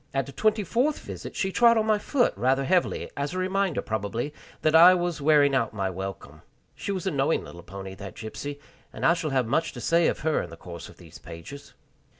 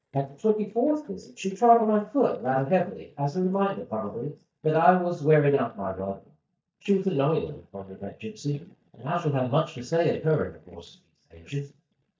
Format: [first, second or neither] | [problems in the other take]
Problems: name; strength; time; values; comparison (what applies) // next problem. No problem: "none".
first | noise reduction (neural mask model DeepFilterNet 3)